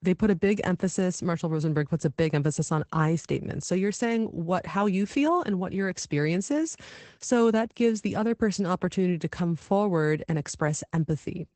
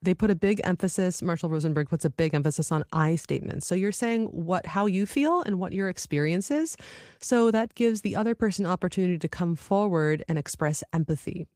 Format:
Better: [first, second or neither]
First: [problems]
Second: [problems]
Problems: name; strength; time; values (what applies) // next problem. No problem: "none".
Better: second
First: garbled, watery; badly; nothing above 8 kHz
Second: garbled, watery; slightly; nothing above 15.5 kHz